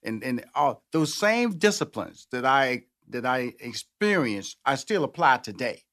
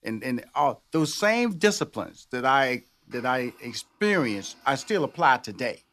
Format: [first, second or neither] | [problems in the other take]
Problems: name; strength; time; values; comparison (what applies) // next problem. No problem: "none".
first | household noises; faint; throughout; 25 dB below the speech